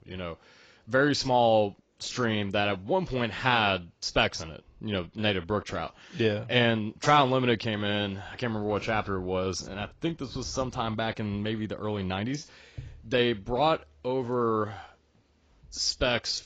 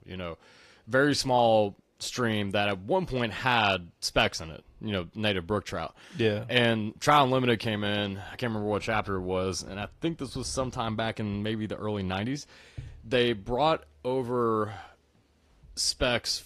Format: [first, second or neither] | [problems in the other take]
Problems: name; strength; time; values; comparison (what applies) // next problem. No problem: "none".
second | garbled, watery; badly; nothing above 7.5 kHz; slightly in the second